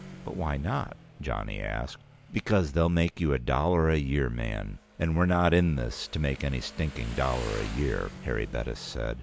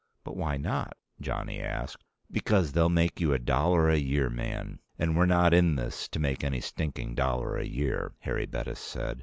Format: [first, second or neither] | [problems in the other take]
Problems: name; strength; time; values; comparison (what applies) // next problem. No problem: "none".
second | background sound (Motorcycle); 19 dB below the speech